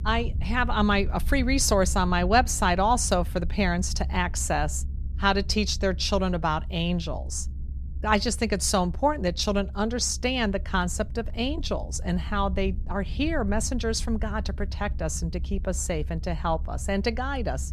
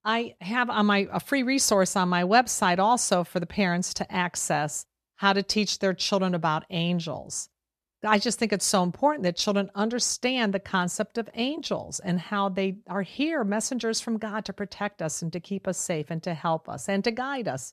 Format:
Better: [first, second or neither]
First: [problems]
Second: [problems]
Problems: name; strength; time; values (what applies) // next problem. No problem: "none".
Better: second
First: low rumble; faint; throughout; 25 dB below the speech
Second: none